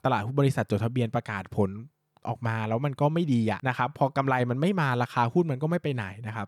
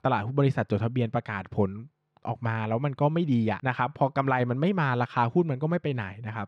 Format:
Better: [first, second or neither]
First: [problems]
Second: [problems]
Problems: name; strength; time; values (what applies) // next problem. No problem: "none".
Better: first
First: none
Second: muffled; very slightly; fading above 3.5 kHz